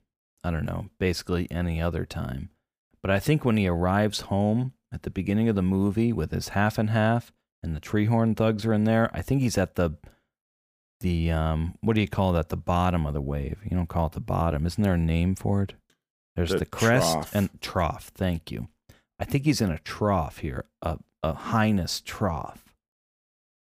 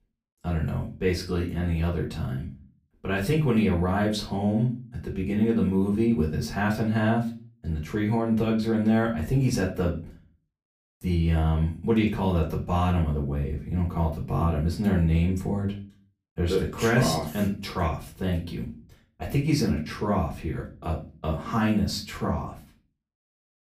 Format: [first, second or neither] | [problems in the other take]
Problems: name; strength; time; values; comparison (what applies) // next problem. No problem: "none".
first | room echo; slight; dies away in 0.3 s // off-mic speech; far